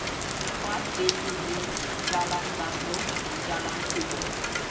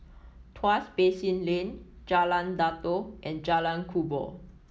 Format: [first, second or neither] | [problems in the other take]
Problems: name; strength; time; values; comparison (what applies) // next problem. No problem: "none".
second | background sound (Rain); 4 dB above the speech // room echo; dies away in 2 s